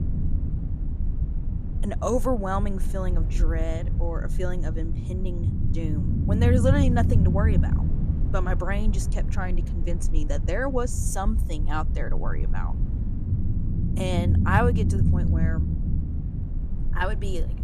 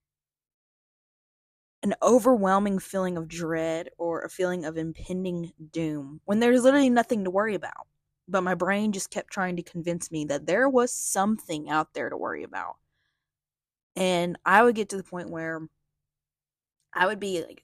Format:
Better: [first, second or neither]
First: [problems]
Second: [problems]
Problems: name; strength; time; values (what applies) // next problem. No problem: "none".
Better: second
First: low rumble; loud; throughout; 8 dB below the speech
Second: none